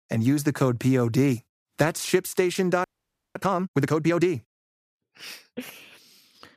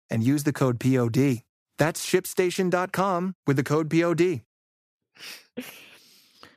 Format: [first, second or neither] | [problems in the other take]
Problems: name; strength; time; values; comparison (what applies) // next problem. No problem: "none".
second | audio freezing; at 3 s for 0.5 s